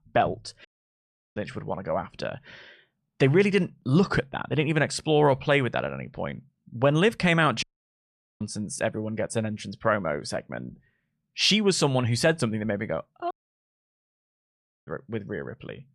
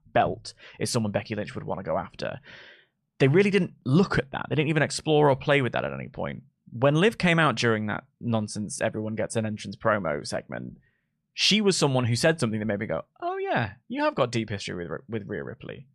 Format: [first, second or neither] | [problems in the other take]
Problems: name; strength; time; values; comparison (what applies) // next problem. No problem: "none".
second | audio cutting out; at 0.5 s for 0.5 s, at 7.5 s for 1 s and at 13 s for 1.5 s